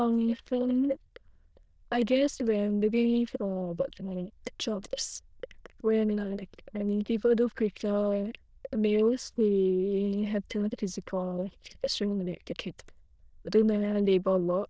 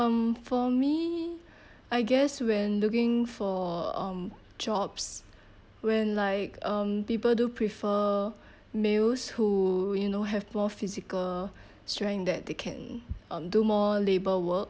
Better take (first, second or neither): second